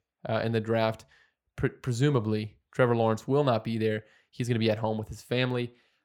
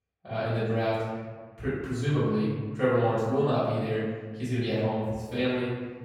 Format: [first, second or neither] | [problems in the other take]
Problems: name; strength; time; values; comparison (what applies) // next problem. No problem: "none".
first | off-mic speech; far // room echo; strong; dies away in 1.4 s